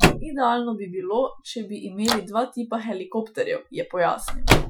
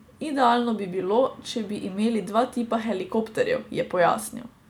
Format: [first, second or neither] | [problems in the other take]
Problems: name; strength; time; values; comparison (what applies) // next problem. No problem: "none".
second | noise reduction (classical method Wiener filter)